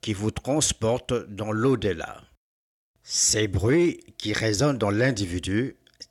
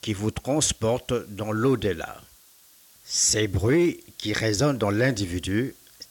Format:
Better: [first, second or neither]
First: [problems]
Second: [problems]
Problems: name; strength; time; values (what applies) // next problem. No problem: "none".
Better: first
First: none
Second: hiss; faint; throughout; 25 dB below the speech